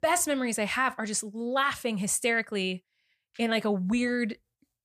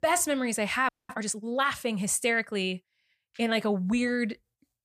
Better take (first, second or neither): first